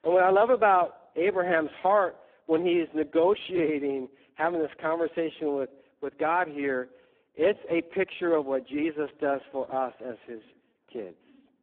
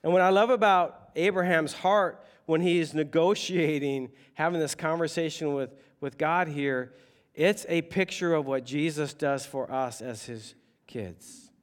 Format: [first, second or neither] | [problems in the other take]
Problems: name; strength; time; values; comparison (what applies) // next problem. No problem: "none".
second | phone-call audio; poor line